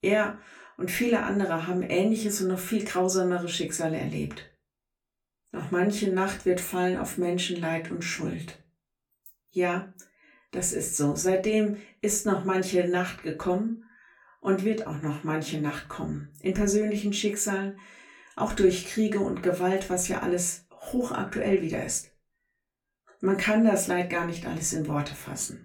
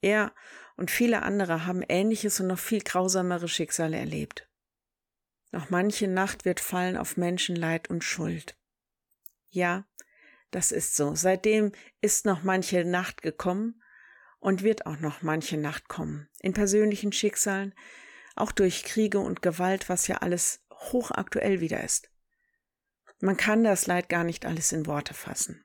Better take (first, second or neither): second